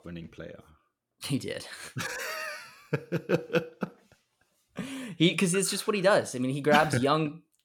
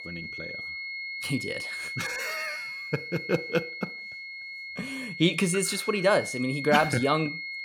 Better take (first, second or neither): first